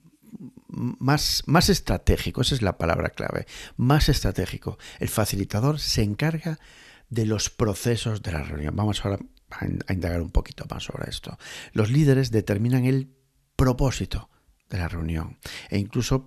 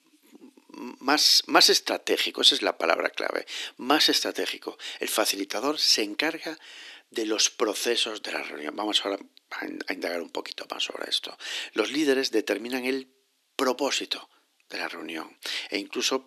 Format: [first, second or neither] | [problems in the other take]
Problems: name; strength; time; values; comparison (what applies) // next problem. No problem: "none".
first | thin; somewhat; fading below 300 Hz